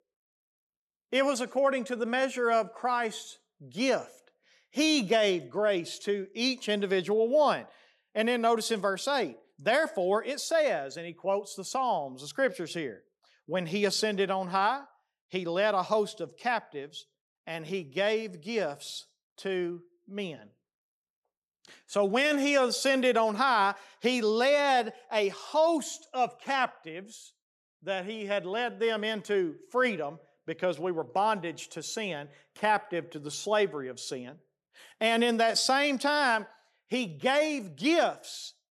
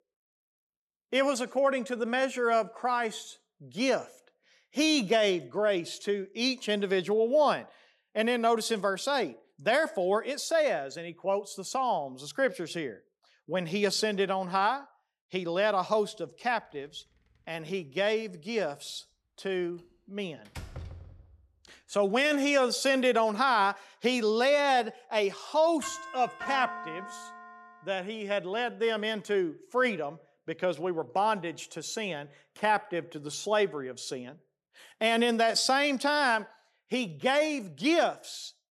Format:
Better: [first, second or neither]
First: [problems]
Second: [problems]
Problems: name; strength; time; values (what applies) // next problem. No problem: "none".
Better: first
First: none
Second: door banging; faint; at 20 s; peak 15 dB below the speech // doorbell; noticeable; from 26 to 28 s; peak 8 dB below the speech